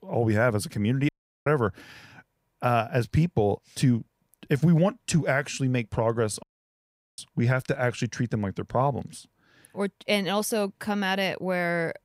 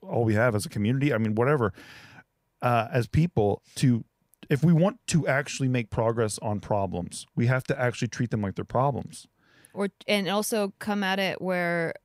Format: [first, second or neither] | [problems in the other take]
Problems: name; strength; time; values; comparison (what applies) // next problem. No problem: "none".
second | audio cutting out; at 1 s and at 6.5 s for 1 s